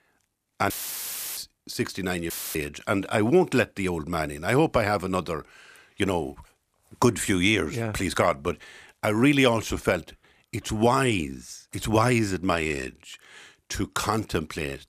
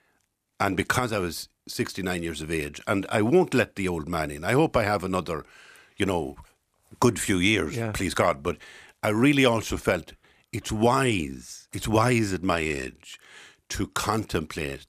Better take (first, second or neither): second